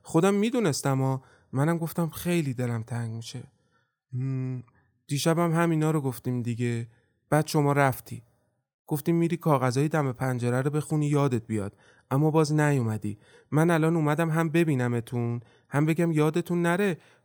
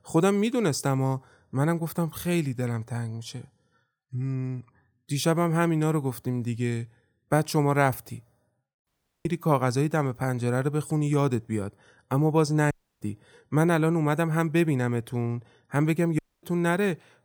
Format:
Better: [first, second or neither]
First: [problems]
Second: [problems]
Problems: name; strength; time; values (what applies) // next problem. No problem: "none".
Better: first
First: none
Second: audio cutting out; at 9 s, at 13 s and at 16 s